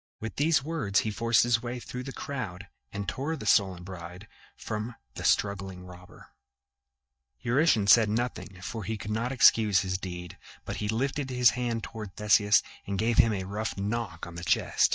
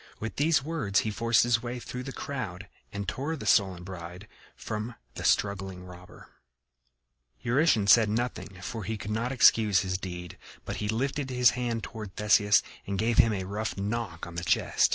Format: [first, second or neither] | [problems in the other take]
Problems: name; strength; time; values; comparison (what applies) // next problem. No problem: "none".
second | noise reduction (neural mask model DeepFilterNet 3)